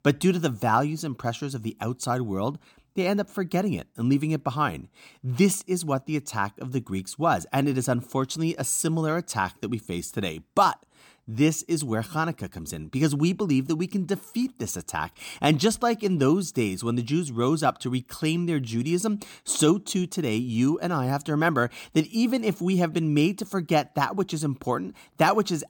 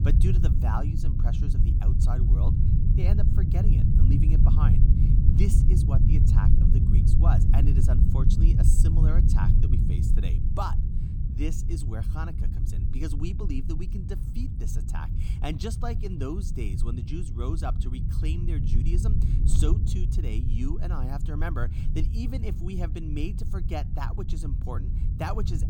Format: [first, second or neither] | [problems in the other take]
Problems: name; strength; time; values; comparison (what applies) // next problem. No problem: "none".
first | low rumble; loud; throughout; 1 dB below the speech